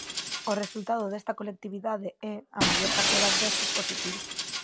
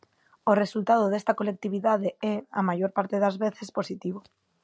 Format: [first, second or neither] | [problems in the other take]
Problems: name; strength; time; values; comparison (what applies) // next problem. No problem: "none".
second | background sound (Shatter); 4 dB above the speech